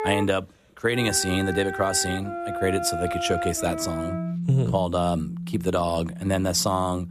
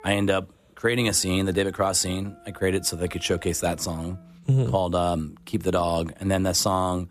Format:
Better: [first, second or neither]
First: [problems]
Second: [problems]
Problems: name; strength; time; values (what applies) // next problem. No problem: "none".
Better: second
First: background music; loud; throughout; 6 dB below the speech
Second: background music; faint; throughout; 25 dB below the speech